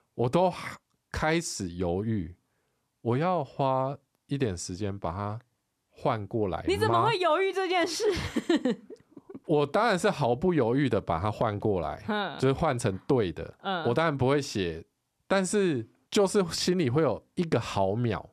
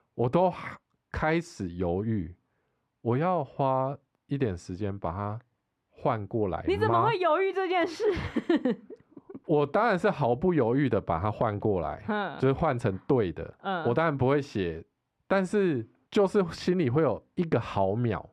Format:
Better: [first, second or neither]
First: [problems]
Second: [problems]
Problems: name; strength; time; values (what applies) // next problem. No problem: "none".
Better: first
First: none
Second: muffled; slightly; fading above 4 kHz